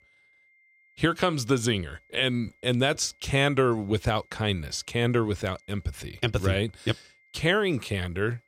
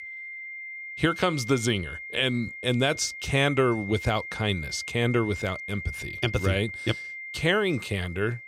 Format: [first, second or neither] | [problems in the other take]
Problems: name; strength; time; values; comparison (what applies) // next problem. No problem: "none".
first | high-pitched whine; loud; throughout; 2 kHz, 9 dB below the speech; faint in the first